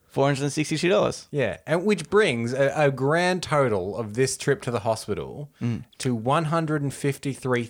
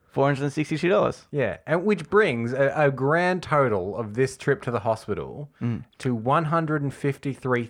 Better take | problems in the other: first | muffled; slightly; fading above 3.5 kHz

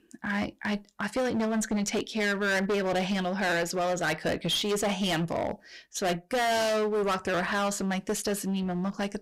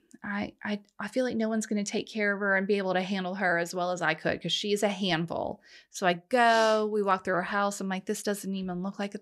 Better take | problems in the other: second | distortion; heavy; 22% of the sound clipped

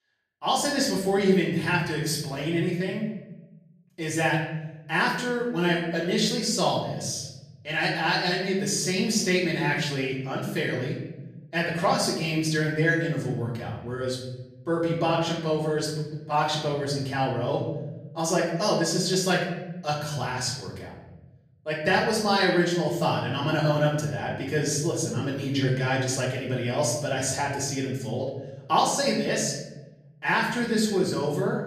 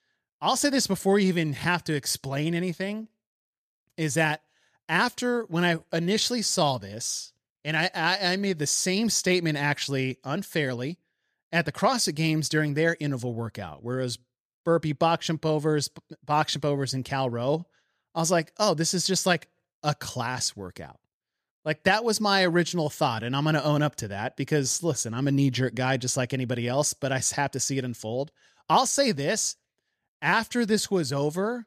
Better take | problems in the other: second | off-mic speech; far // room echo; noticeable; dies away in 1.1 s

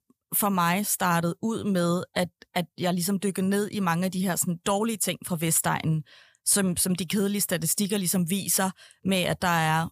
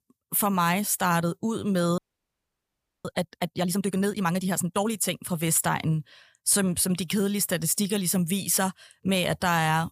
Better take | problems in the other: first | audio freezing; at 2 s for 1 s

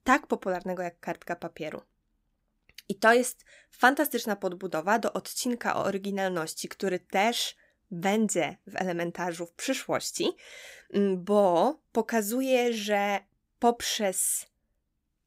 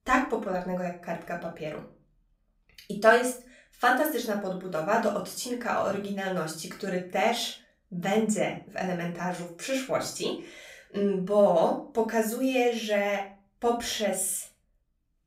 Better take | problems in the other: first | off-mic speech; far // room echo; slight; dies away in 0.3 s

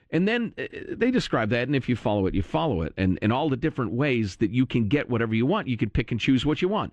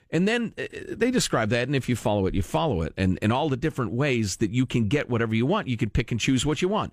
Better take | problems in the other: second | muffled; slightly; fading above 3 kHz

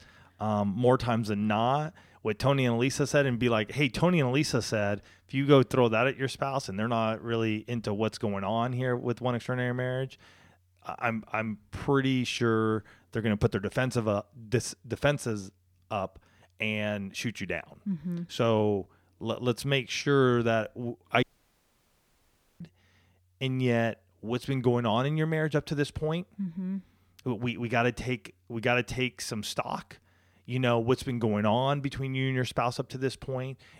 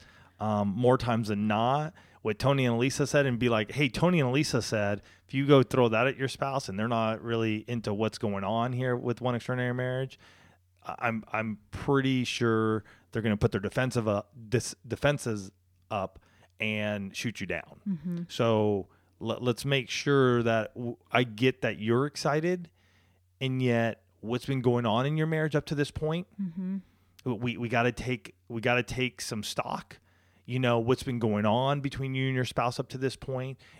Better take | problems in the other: second | audio cutting out; at 21 s for 1.5 s

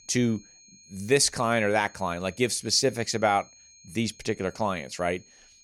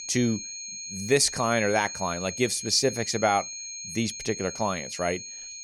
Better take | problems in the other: first | high-pitched whine; loud; throughout; 6.5 kHz, 9 dB below the speech; faint in the first

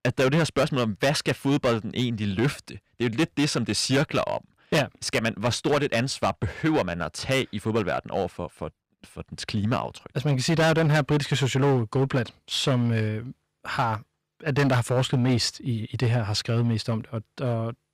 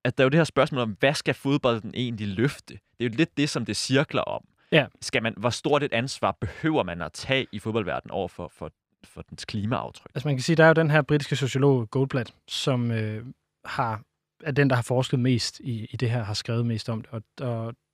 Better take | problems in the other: second | distortion; heavy; 8% of the sound clipped

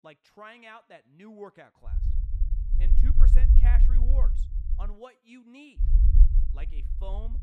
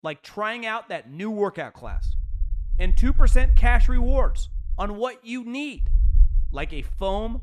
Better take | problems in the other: second | low rumble; loud; from 2 to 5 s and from 6 s on; 2 dB below the speech; faint in the second

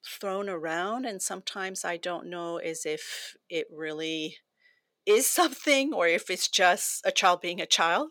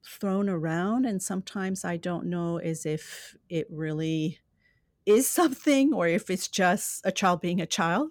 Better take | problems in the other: second | thin; somewhat; fading below 500 Hz

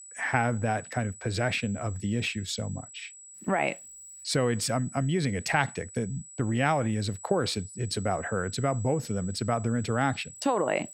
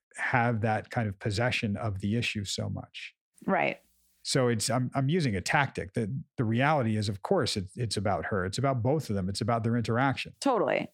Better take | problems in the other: second | high-pitched whine; noticeable; throughout; 8 kHz, 15 dB below the speech

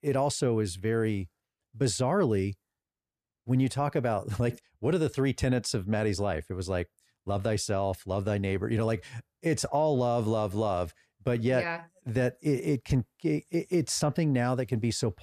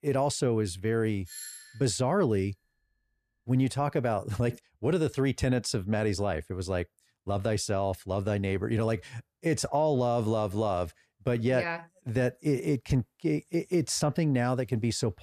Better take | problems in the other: first | doorbell; faint; at 1.5 s; peak 10 dB below the speech

